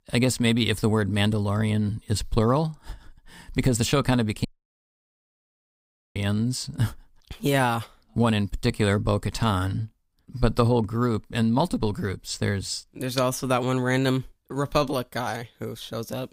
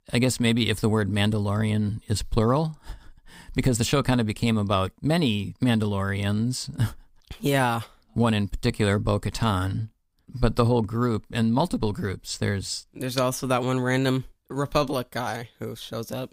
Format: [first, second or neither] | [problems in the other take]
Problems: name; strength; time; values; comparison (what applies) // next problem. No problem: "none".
second | audio cutting out; at 4.5 s for 1.5 s